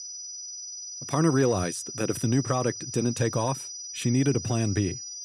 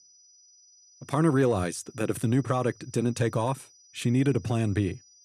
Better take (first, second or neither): second